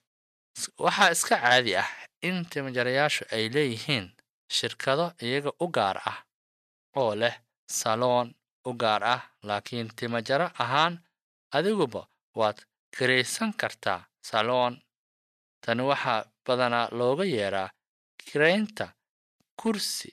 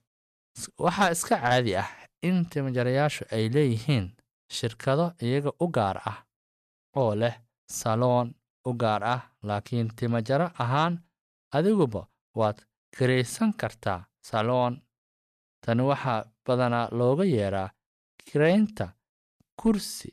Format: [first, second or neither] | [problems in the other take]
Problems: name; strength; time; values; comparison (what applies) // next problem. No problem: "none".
second | thin; somewhat; fading below 900 Hz